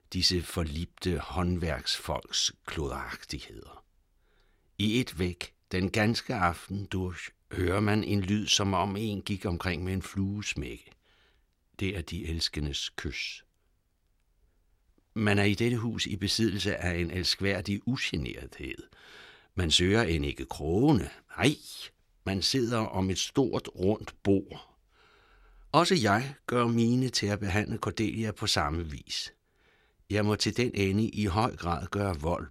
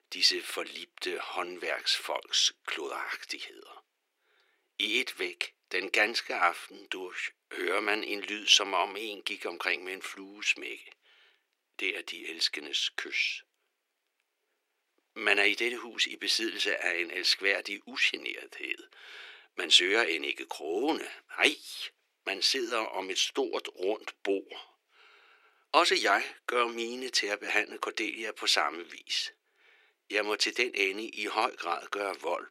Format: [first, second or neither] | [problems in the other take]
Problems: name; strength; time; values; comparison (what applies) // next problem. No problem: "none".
first | thin; very; fading below 350 Hz